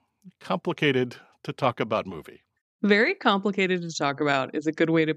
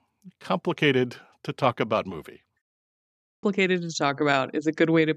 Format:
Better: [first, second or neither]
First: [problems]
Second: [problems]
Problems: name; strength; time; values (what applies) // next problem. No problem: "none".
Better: first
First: none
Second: audio freezing; at 2.5 s for 1 s